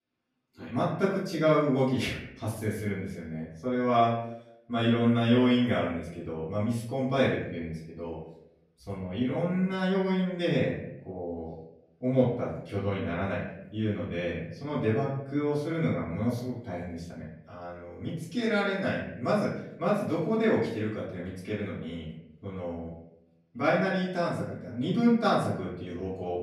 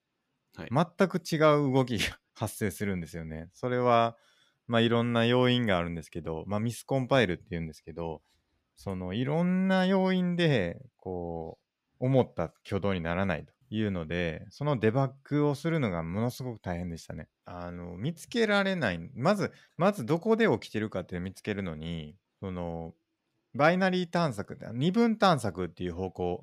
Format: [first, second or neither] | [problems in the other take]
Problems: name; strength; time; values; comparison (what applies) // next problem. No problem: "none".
second | off-mic speech; far // room echo; noticeable; dies away in 0.7 s